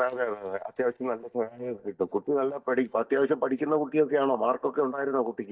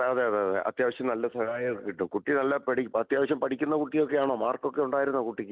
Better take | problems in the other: second | noise reduction (neural mask model DeepFilterNet 3)

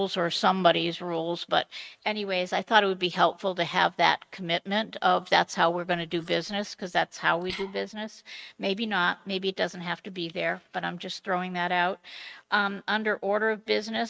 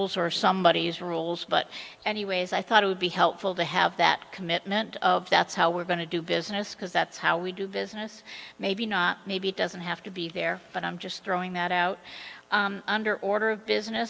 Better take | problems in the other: second | noise reduction (neural mask model RNNoise)

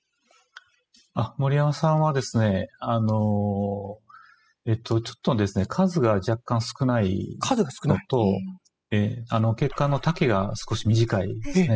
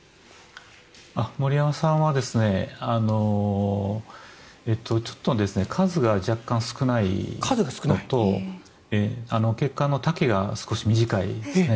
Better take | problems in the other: second | noise reduction (classical method spectral subtraction)

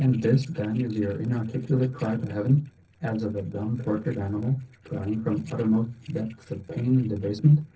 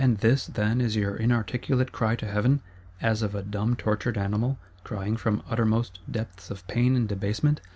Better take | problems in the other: second | noise reduction (neural separator model SepFormer DNS4)

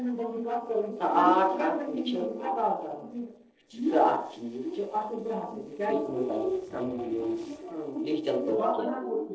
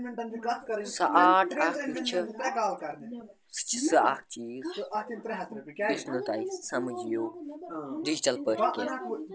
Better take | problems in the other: second | noise reduction (neural separator model SepFormer DNS4)

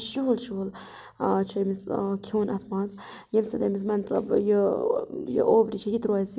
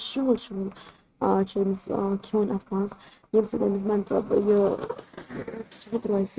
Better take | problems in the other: first | noise reduction (neural mask model RNNoise)

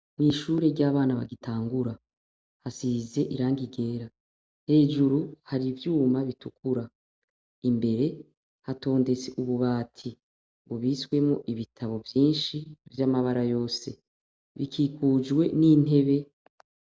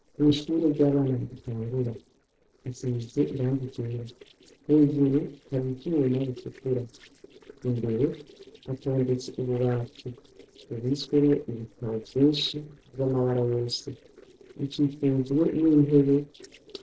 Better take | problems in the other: first | noise reduction (neural separator model SepFormer DNS4)

